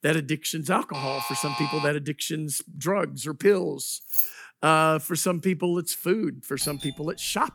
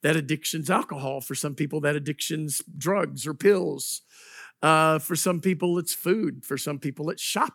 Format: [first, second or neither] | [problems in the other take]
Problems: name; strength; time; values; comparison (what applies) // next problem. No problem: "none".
second | alarm; noticeable; at 1 s; peak 4 dB below the speech // jangling keys; loud; at 4 s; peak 3 dB above the speech // doorbell; noticeable; at 6.5 s; peak 5 dB below the speech